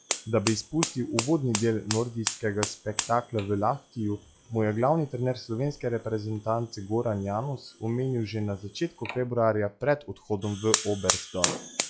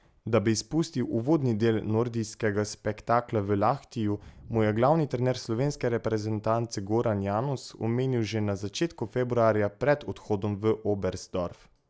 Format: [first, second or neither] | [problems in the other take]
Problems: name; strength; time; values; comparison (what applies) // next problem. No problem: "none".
second | noise reduction (classical method log-MMSE)